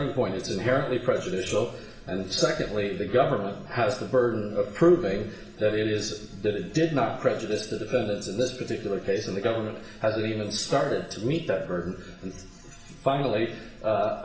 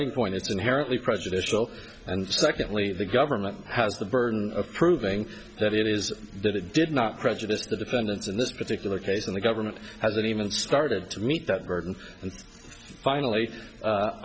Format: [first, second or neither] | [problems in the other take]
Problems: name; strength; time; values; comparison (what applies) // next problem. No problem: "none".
second | room echo; dies away in 0.8 s